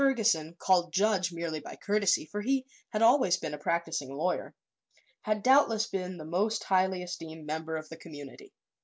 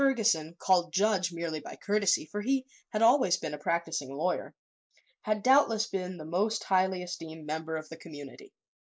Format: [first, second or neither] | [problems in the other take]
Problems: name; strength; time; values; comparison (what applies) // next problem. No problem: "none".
first | noise reduction (neural mask model Resemble Enhance denoiser)